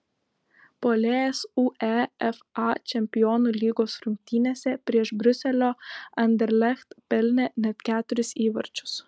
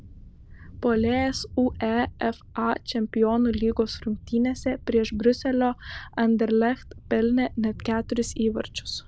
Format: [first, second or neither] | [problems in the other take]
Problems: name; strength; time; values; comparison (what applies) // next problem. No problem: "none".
first | background sound (Thunder); 16 dB below the speech